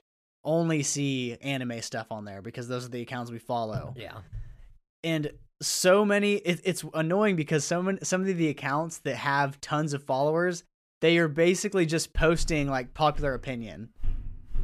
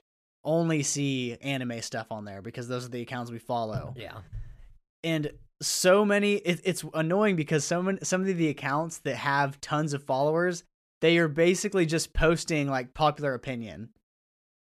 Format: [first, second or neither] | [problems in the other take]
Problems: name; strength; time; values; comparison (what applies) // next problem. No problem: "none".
second | footsteps; faint; from 12 s on; peak 10 dB below the speech